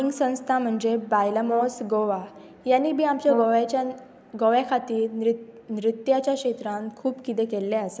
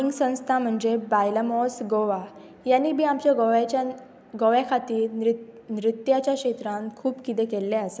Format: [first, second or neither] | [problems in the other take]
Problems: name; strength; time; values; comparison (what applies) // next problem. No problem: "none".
second | background sound (Brass instrument); 9 dB below the speech